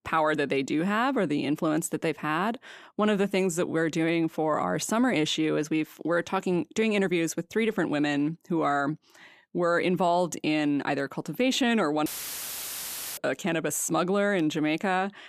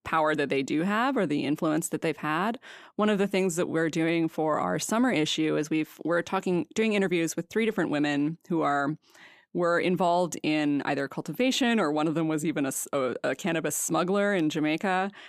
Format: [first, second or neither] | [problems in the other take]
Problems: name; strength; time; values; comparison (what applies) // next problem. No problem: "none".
second | audio cutting out; filled with static; at 12 s for 1 s